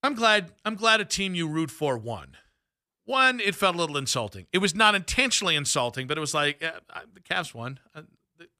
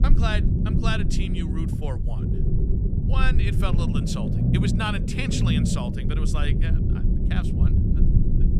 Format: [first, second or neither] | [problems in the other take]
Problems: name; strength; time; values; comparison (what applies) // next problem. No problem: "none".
first | low rumble; loud; throughout; 3 dB below the speech